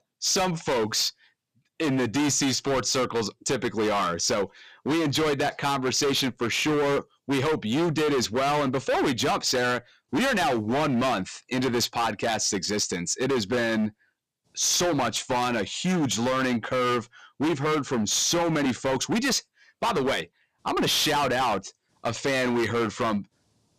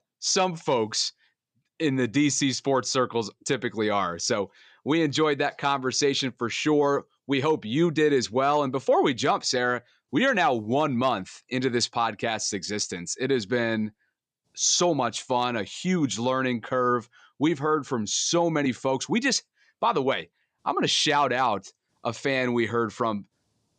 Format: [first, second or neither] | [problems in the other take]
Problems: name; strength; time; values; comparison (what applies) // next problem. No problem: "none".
second | distortion; heavy; 24% of the sound clipped